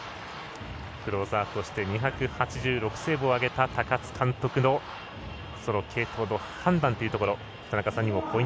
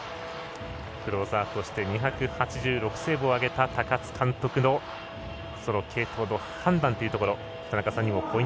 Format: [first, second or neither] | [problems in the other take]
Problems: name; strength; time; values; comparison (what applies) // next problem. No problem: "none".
first | background sound (Guitar); 14 dB below the speech